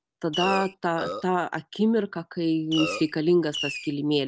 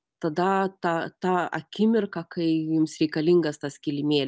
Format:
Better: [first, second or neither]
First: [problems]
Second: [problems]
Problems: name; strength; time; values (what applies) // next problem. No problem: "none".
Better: second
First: background sound (Fireworks + Burping, eructation); 6 dB below the speech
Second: none